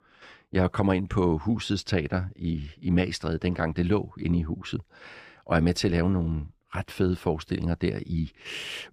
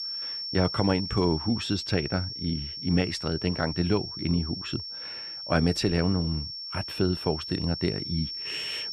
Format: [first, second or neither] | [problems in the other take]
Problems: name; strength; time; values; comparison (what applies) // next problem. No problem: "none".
first | high-pitched whine; loud; throughout; 5.5 kHz, 5 dB below the speech